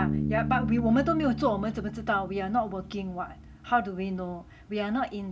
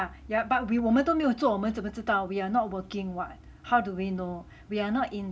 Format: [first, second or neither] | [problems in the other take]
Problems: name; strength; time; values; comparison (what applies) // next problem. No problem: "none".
second | background sound (Bass guitar); 6 dB below the speech